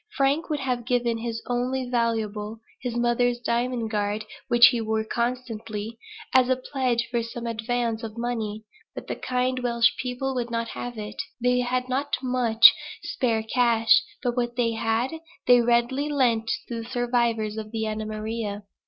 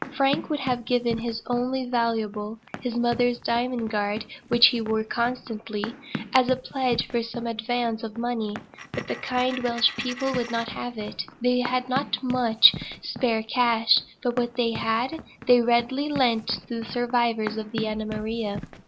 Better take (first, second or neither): first